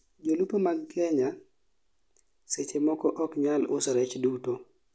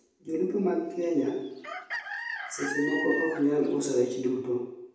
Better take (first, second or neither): first